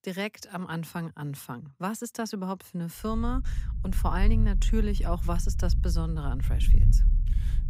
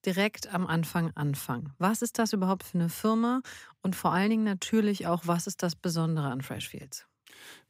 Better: second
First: low rumble; noticeable; from 3 s on; 10 dB below the speech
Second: none

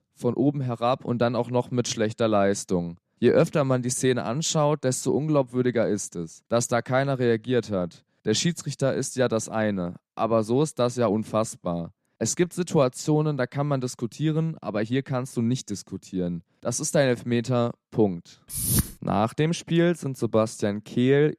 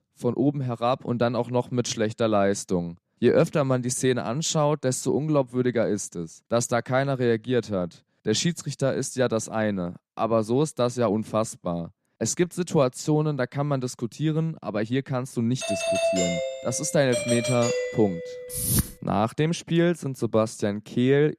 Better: first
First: none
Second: doorbell; loud; from 16 to 18 s; peak 2 dB above the speech

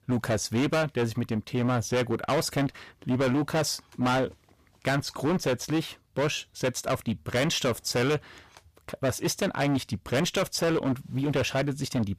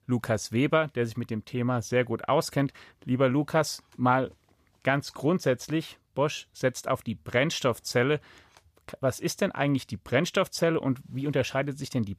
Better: second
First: distortion; heavy; 15% of the sound clipped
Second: none

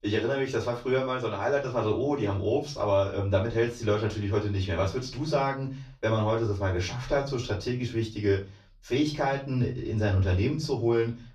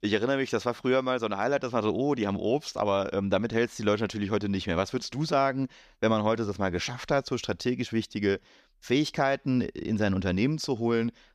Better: second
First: off-mic speech; far // room echo; very slight; dies away in 0.4 s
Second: none

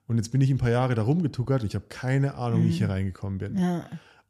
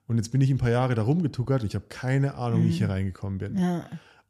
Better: neither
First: none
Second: none

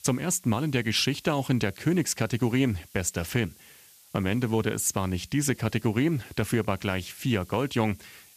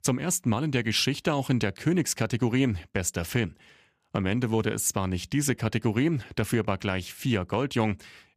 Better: second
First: hiss; faint; throughout; 25 dB below the speech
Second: none

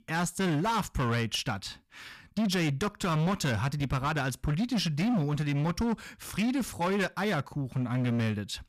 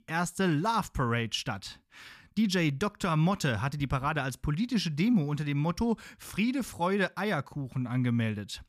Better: second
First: distortion; slight; 19% of the sound clipped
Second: none

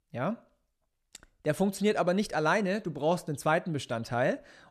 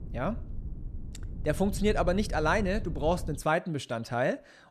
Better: first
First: none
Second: low rumble; faint; until 3.5 s; 25 dB below the speech

